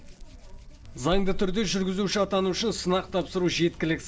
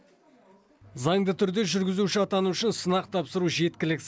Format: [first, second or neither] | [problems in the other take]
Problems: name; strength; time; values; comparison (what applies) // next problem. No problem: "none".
second | background sound (Hands); 8 dB below the speech // room echo; dies away in 2.2 s